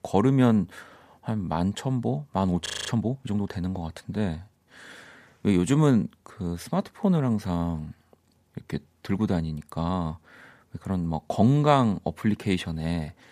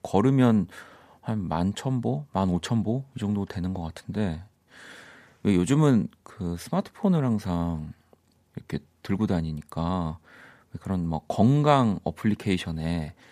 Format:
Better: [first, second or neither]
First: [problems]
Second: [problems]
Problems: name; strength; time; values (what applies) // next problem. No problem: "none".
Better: second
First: audio freezing; at 2.5 s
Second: none